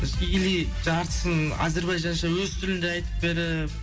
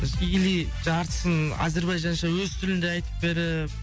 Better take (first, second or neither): second